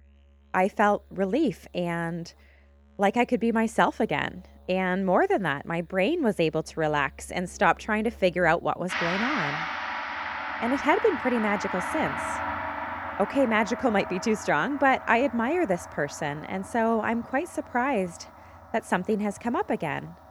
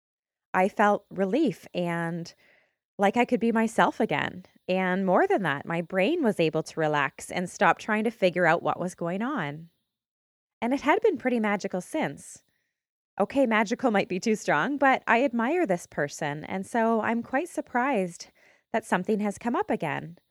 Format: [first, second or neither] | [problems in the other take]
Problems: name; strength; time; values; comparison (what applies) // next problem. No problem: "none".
second | background music; loud; throughout; 7 dB below the speech